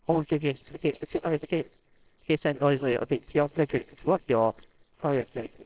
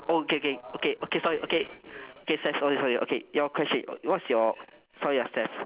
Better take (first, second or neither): second